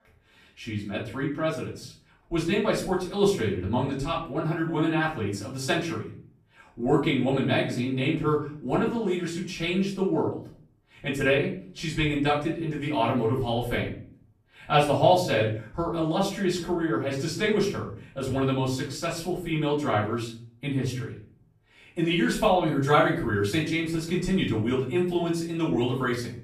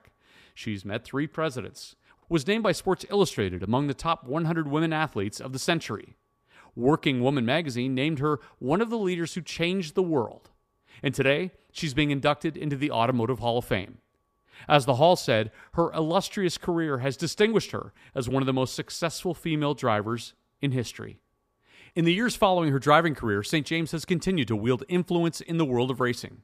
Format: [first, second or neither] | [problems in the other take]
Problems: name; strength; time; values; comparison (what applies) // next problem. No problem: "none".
second | off-mic speech; far // room echo; slight; dies away in 0.4 s